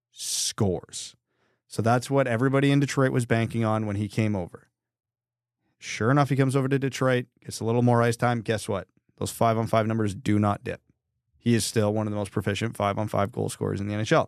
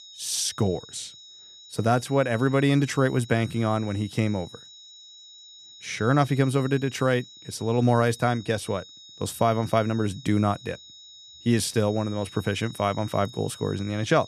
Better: first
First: none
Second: high-pitched whine; noticeable; throughout; 4 kHz, 20 dB below the speech

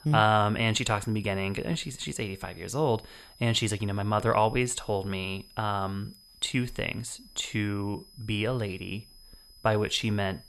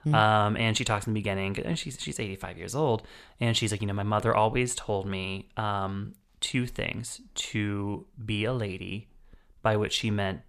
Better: second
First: high-pitched whine; faint; throughout; 5 kHz, 25 dB below the speech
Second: none

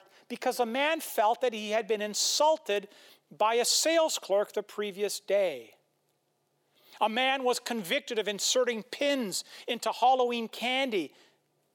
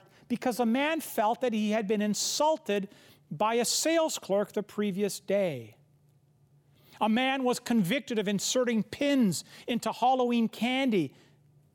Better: second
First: thin; somewhat; fading below 450 Hz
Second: none

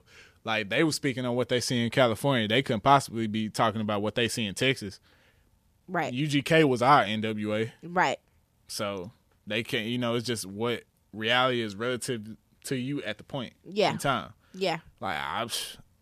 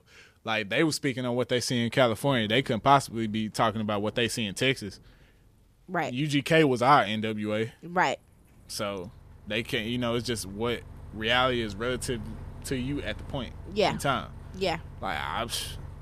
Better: first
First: none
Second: traffic noise; noticeable; throughout; 20 dB below the speech

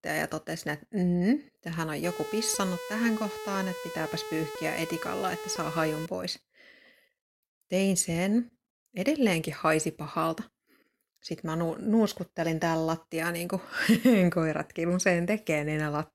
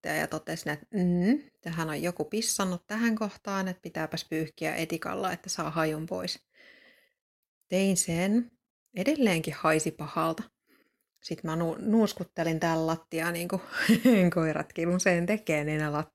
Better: second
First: siren; noticeable; from 2 to 6 s; peak 9 dB below the speech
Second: none

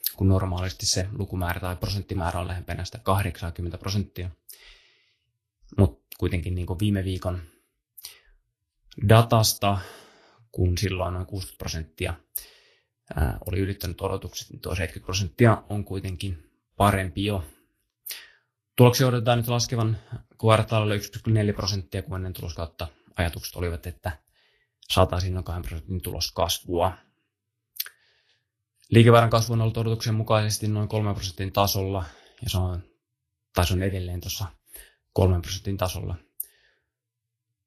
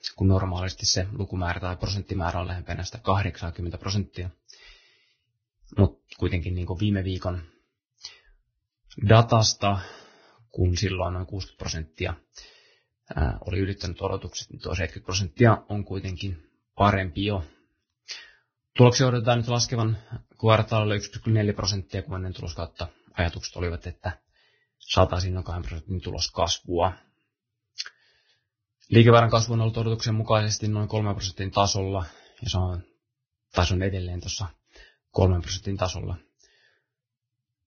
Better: first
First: garbled, watery; slightly; nothing above 14 kHz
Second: garbled, watery; badly; nothing above 6.5 kHz

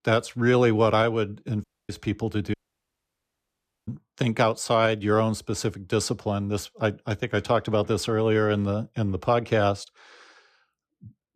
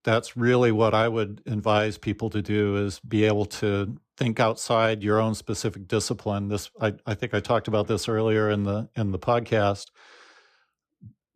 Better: second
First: audio cutting out; at 1.5 s and at 2.5 s for 1.5 s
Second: none

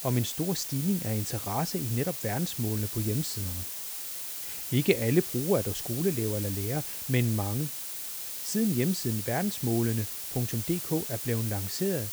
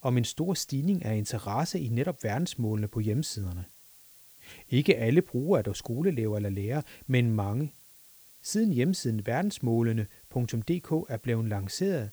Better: second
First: hiss; loud; throughout; 4 dB below the speech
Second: hiss; faint; throughout; 25 dB below the speech

